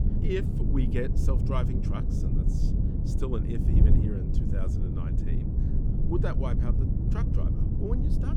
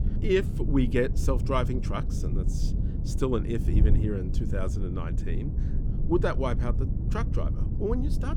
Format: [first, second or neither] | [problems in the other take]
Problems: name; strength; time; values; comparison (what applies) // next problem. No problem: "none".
second | wind noise on the microphone; heavy; 1 dB below the speech; occasional gusts in the second